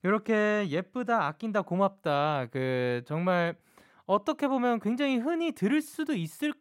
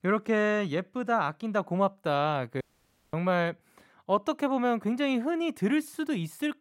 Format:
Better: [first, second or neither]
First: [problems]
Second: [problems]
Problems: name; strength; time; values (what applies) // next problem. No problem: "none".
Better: first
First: none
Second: audio cutting out; at 2.5 s for 0.5 s